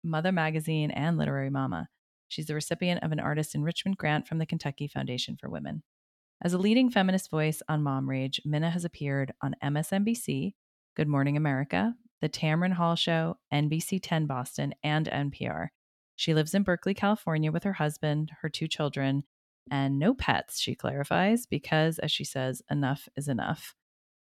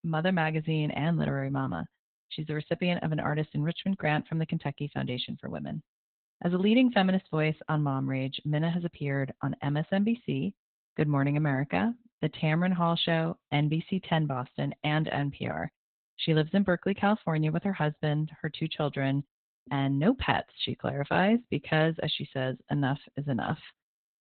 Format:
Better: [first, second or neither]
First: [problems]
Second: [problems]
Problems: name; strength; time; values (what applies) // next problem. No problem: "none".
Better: first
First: none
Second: garbled, watery; badly; nothing above 4 kHz